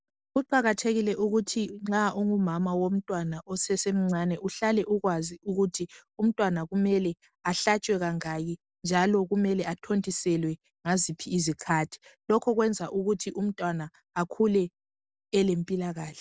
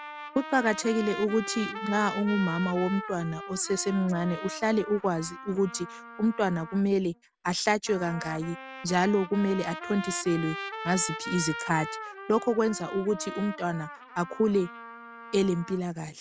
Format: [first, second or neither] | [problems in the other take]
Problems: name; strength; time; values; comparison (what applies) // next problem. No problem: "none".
first | background sound (Trumpet); 11 dB below the speech